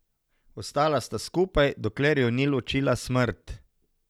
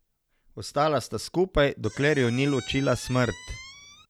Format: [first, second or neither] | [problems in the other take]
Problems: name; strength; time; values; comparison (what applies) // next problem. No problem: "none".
first | background sound (Squeak); 17 dB below the speech